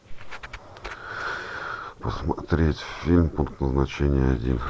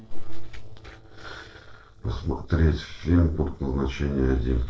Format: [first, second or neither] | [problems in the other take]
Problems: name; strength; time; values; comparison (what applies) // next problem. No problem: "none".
first | noise reduction (neural separator model SepFormer DNS4)